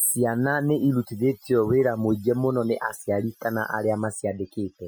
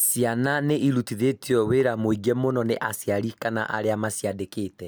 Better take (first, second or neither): second